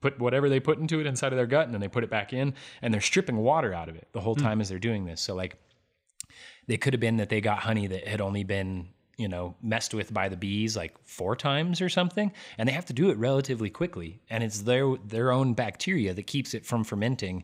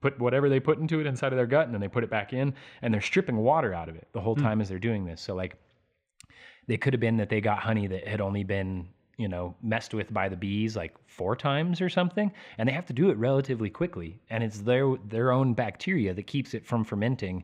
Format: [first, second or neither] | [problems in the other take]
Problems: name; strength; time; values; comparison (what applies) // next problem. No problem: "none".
first | muffled; slightly; fading above 4 kHz